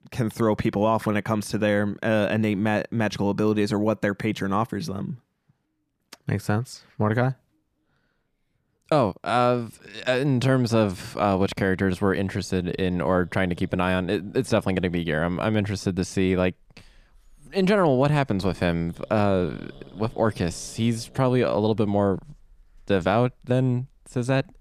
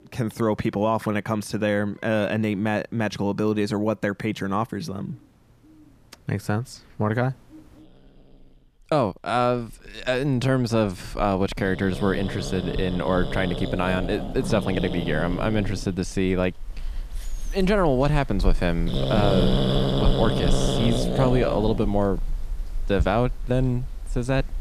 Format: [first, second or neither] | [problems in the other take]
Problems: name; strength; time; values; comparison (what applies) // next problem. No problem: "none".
first | animal sounds; loud; throughout; 4 dB below the speech; faint in the first